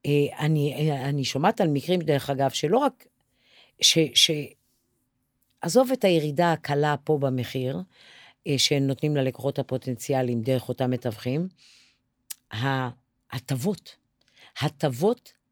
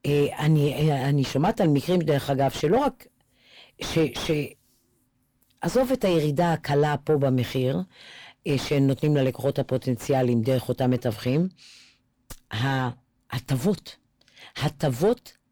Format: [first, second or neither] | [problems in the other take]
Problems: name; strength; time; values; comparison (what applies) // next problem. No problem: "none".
first | distortion; heavy; 6 dB below the speech